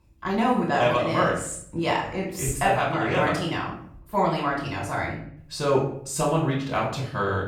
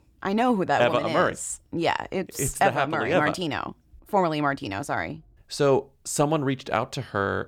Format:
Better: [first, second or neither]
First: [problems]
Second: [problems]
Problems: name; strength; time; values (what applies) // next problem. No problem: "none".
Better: second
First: off-mic speech; far // room echo; noticeable; dies away in 0.5 s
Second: none